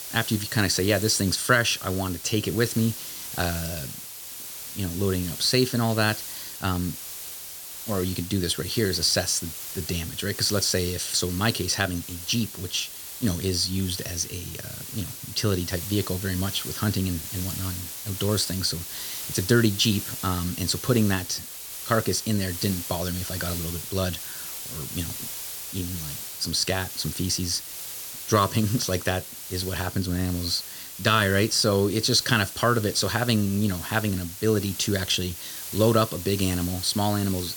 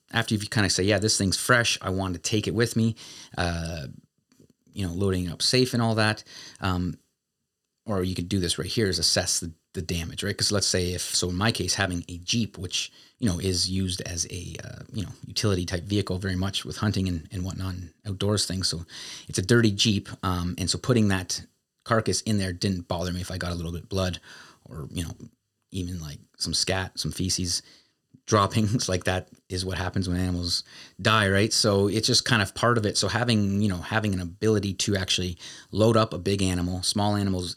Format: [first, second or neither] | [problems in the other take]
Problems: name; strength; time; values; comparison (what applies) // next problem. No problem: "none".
second | hiss; loud; throughout; 8 dB below the speech